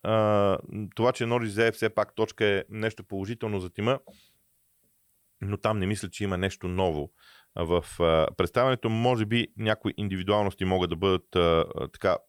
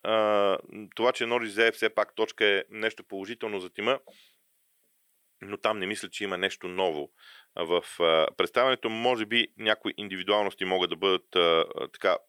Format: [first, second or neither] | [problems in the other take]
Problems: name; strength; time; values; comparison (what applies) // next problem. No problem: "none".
first | thin; somewhat; fading below 350 Hz